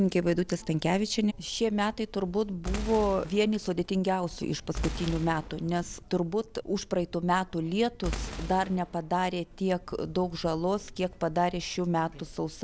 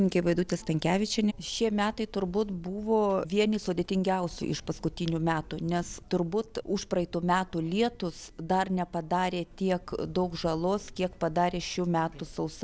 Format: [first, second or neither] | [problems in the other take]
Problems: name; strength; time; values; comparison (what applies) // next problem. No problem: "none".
second | background sound (Boom); 10 dB below the speech